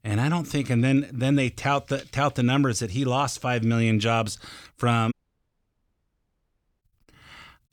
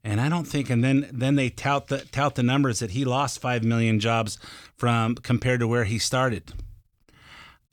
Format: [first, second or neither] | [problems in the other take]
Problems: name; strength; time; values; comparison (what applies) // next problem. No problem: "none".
second | audio cutting out; at 5 s for 1.5 s